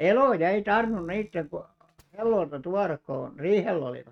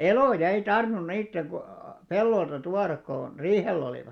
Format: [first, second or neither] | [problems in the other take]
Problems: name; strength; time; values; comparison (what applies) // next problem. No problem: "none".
second | noise reduction (neural mask model RNNoise)